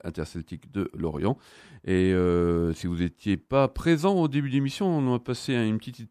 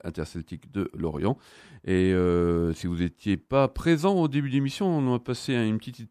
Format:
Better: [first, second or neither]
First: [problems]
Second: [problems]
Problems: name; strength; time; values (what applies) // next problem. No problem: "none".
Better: neither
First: none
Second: none